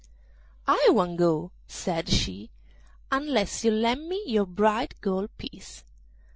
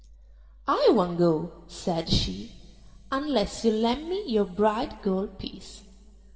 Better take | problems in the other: first | room echo; dies away in 2.5 s

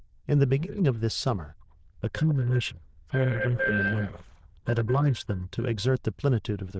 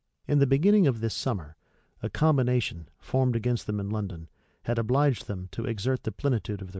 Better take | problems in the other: second | noise reduction (neural diffusion model UNIVERSE++)

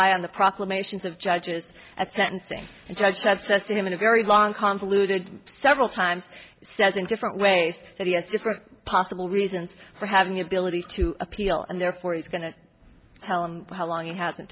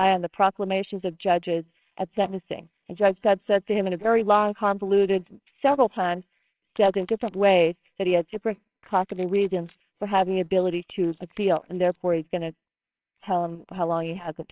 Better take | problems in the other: first | noise reduction (neural separator model SepFormer WHAMR!)

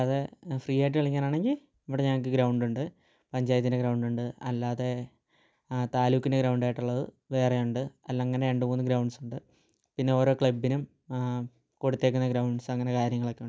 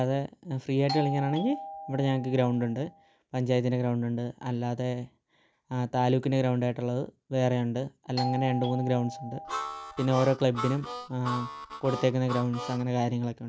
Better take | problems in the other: first | background sound (Harmonica + Doorbell); 9 dB below the speech

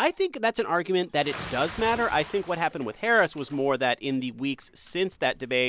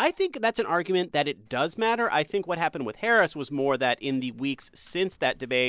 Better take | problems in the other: second | background sound (Bathtub (filling or washing) / Splash, splatter); 18 dB below the speech

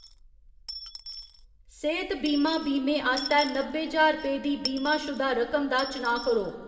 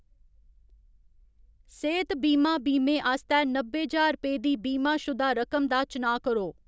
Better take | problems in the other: second | background sound (Coin (dropping) / Dishes, pots, and pans); 14 dB below the speech // room echo; dies away in 1.5 s

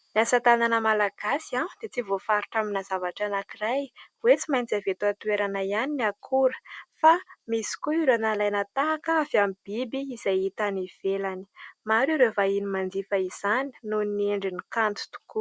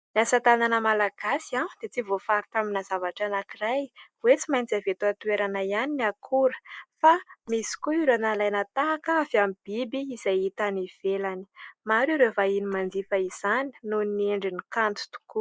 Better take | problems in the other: first | noise reduction (neural mask model DeepFilterNet 3)

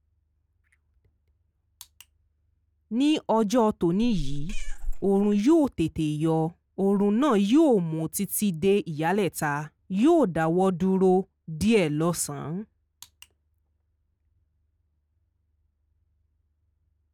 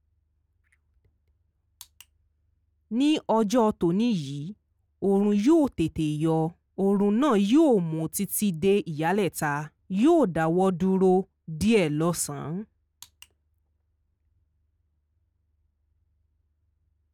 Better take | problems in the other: second | background sound (Meow); 2 dB below the speech

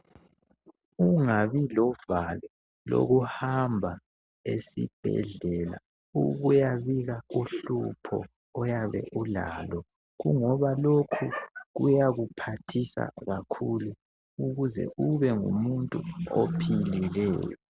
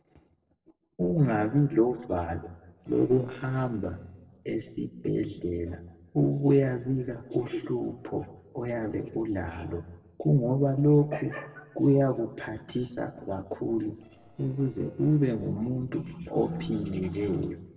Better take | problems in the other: first | noise reduction (neural separator model SepFormer DNS4)

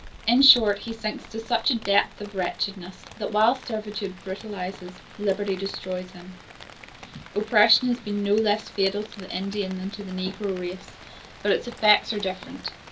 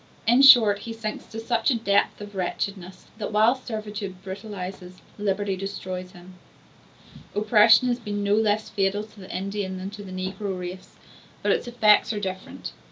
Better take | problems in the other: second | background sound (Rain); 18 dB below the speech

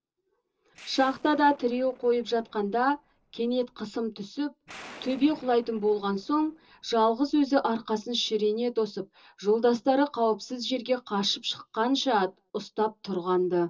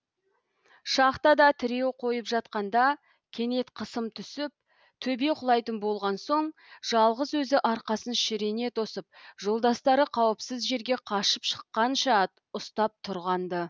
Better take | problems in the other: second | noise reduction (neural separator model SepFormer DNS4)

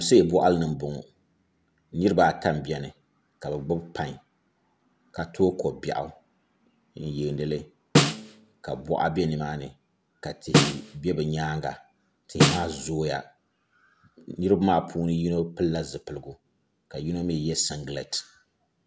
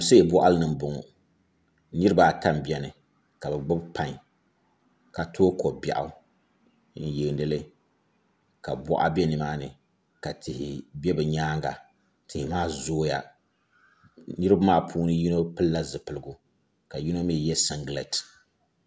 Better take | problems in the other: second | background sound (Snare drum); 3 dB above the speech

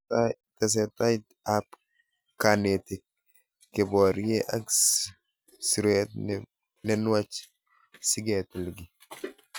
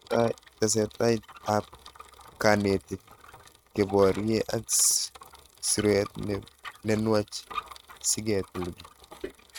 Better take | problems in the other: first | noise reduction (neural mask model RNNoise)

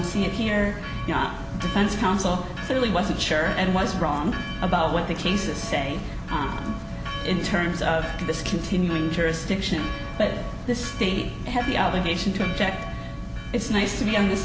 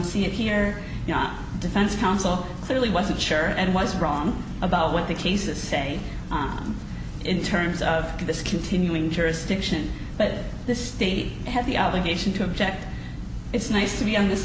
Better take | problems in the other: second | background sound (Church bell); 13 dB below the speech

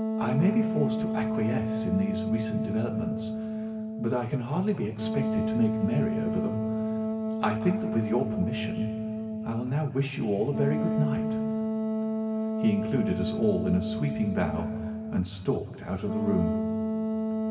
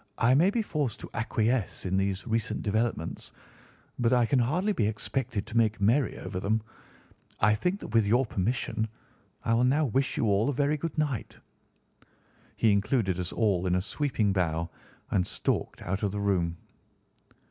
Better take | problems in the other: second | background sound (Wind instrument, woodwind instrument); as loud as the speech // room echo; dies away in 2.5 s

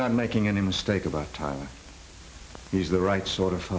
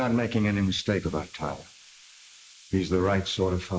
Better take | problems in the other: first | noise reduction (neural mask model Resemble Enhance denoiser)

